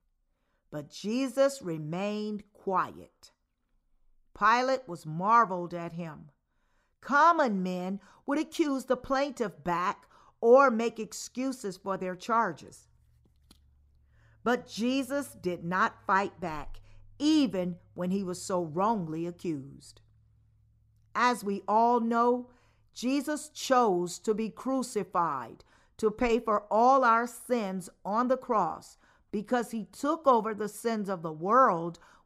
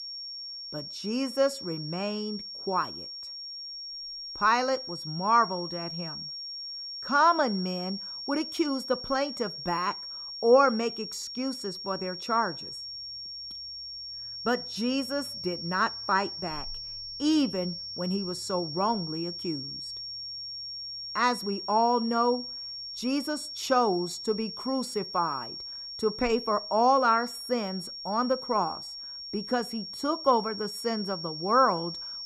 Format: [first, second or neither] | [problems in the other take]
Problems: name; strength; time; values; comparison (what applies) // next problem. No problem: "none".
first | high-pitched whine; loud; throughout; 5.5 kHz, 8 dB below the speech